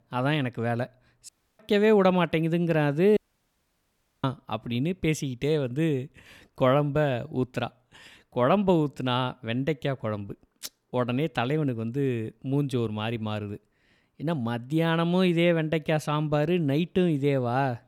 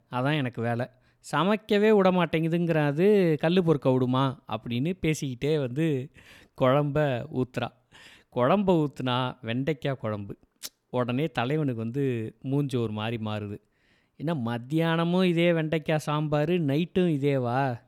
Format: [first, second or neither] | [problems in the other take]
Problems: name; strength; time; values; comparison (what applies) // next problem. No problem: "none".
second | audio cutting out; at 1.5 s and at 3 s for 1 s